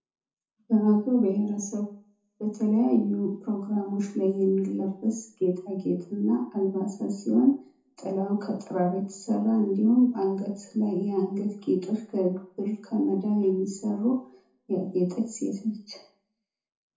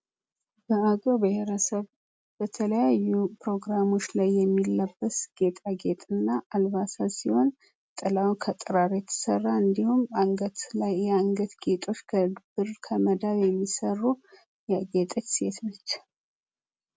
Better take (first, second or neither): second